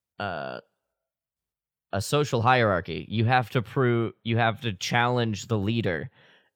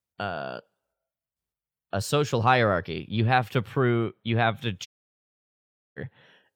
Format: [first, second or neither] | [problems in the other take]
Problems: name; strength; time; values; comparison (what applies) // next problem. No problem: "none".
first | audio cutting out; at 5 s for 1 s